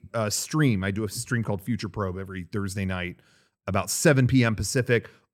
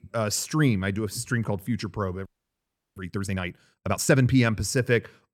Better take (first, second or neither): first